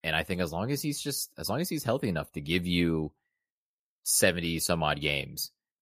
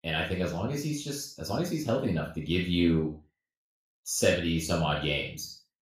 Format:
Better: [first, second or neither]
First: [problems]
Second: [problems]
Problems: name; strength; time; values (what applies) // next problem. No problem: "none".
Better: first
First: none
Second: room echo; noticeable; dies away in 0.4 s // off-mic speech; far